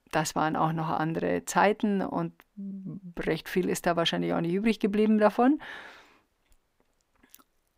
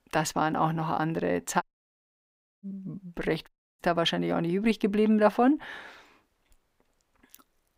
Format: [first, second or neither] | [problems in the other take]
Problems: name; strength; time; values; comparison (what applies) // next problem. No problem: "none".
first | audio cutting out; at 1.5 s for 1 s and at 3.5 s